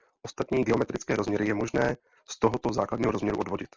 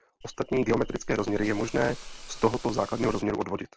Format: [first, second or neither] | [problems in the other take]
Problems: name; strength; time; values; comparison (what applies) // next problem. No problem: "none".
first | background sound (Hiss / Insect); 13 dB below the speech